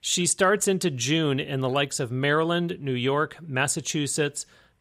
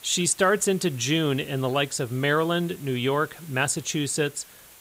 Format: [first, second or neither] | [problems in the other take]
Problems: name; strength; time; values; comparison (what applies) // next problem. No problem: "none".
first | hiss; faint; throughout; 20 dB below the speech